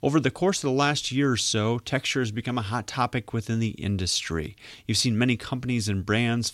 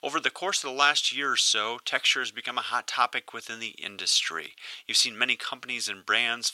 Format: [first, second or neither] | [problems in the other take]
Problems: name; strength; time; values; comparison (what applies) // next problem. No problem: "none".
first | thin; very; fading below 750 Hz